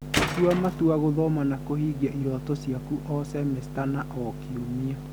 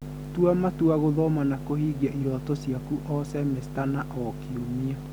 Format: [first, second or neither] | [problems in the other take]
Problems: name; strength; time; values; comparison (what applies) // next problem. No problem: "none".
second | background sound (Tools); 3 dB below the speech